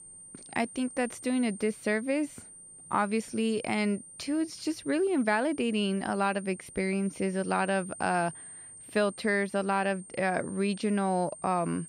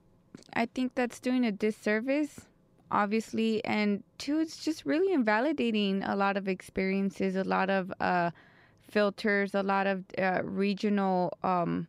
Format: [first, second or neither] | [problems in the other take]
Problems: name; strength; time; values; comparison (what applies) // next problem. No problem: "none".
second | high-pitched whine; noticeable; throughout; 8.5 kHz, 15 dB below the speech